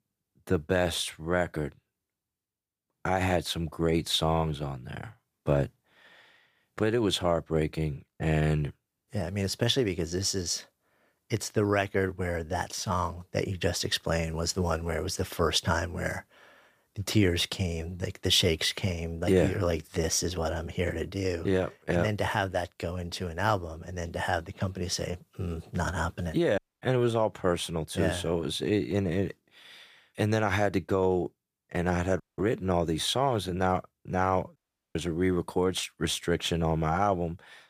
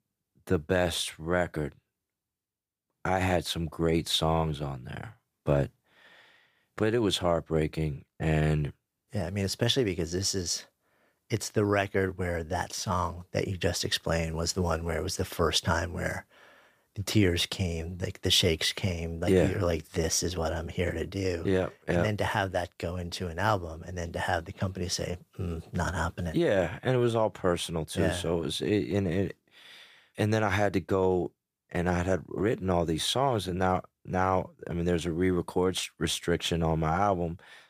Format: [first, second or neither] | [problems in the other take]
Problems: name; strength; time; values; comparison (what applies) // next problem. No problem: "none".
second | audio cutting out; at 27 s, at 32 s and at 35 s